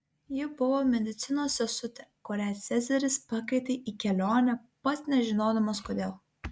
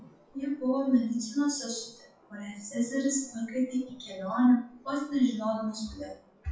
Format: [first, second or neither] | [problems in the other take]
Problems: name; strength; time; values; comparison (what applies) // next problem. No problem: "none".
first | noise reduction (classical method WPE with log-MMSE)